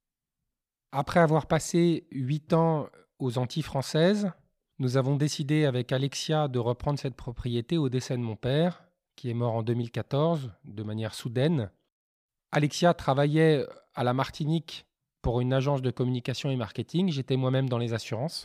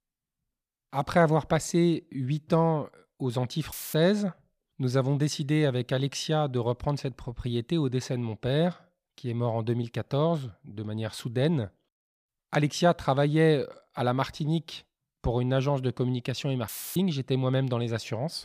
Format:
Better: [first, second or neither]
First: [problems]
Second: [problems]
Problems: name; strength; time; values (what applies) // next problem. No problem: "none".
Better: first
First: none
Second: audio cutting out; filled with static; at 3.5 s and at 17 s